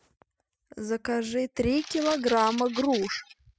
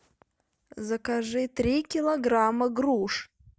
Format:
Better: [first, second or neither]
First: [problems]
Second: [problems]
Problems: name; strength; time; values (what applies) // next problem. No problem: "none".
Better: second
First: noise reduction (classical method spectral subtraction)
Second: none